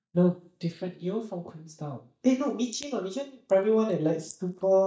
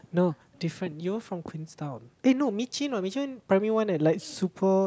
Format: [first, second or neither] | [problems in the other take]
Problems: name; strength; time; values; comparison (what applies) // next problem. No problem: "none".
second | noise reduction (neural mask model DeepFilterNet 3)